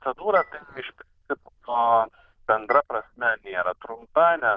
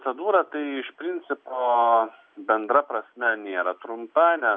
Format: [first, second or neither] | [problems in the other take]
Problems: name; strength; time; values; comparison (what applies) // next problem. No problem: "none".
second | noise reduction (neural diffusion model UNIVERSE++)